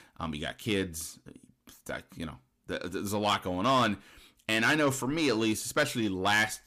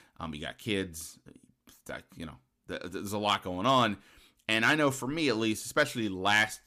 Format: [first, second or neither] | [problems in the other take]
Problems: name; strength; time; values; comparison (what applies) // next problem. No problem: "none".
second | distortion; slight; 10 dB below the speech